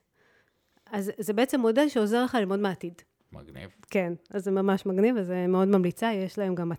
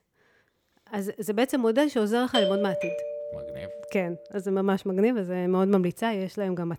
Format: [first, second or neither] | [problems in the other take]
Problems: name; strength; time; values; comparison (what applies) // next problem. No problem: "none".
first | doorbell; loud; from 2.5 to 4 s; peak level with the speech